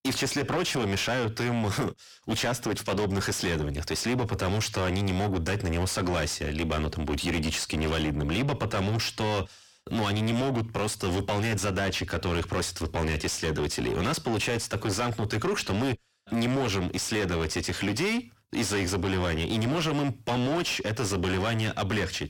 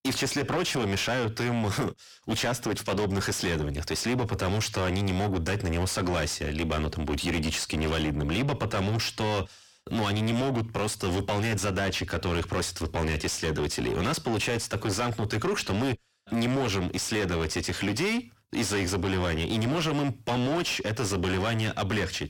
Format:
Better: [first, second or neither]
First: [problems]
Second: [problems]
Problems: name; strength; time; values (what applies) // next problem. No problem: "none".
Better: neither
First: distortion; heavy; 7 dB below the speech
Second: distortion; heavy; 7 dB below the speech